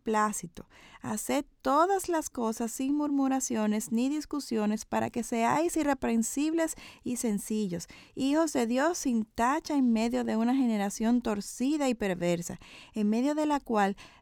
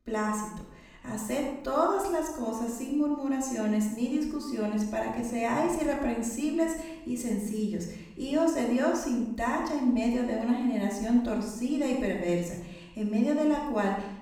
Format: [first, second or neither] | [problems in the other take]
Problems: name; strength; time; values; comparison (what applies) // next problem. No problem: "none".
first | off-mic speech; far // room echo; noticeable; dies away in 0.7 s